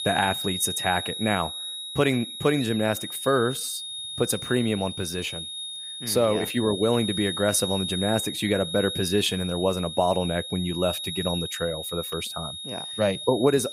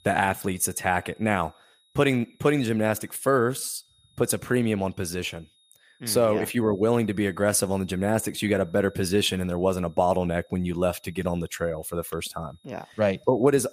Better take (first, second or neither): second